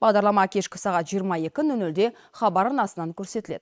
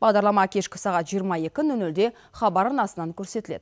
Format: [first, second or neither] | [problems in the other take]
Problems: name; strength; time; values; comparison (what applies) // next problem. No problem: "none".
second | noise reduction (neural mask model Resemble Enhance denoiser)